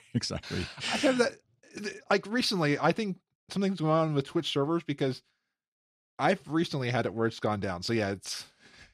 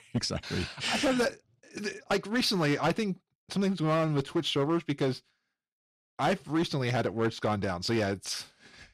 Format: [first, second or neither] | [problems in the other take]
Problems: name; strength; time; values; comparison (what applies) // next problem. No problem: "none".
first | distortion; slight; 6% of the sound clipped